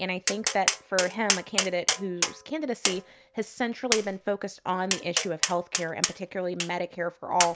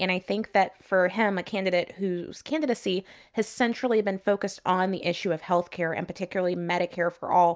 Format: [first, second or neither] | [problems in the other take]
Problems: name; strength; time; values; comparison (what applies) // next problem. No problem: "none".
second | background sound (Tap); 1 dB below the speech